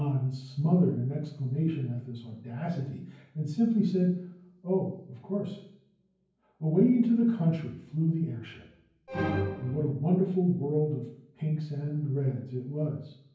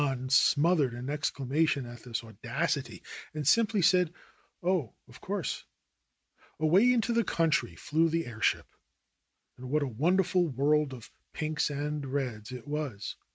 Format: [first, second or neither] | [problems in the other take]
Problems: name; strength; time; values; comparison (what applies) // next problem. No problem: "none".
second | background sound (Musical instrument); 6 dB below the speech // room echo; dies away in 0.9 s